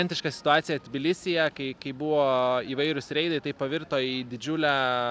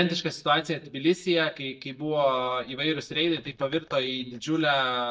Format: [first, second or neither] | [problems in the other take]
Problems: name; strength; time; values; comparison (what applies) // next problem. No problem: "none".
first | noise reduction (neural mask model DeepFilterNet 3)